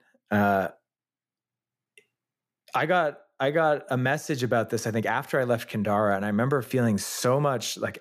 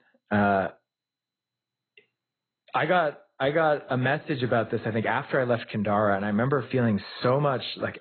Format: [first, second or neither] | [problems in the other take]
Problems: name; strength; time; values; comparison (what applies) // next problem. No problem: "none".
first | garbled, watery; badly; nothing above 4 kHz